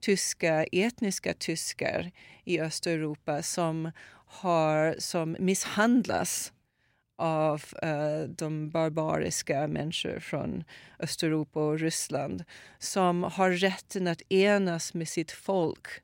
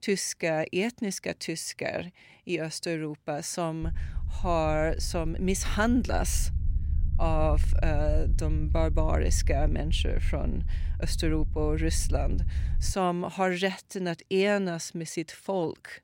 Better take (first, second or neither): first